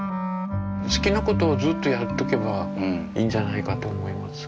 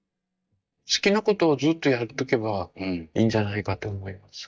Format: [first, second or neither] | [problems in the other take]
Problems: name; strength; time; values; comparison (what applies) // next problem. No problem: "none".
first | noise reduction (neural mask model DeepFilterNet 3)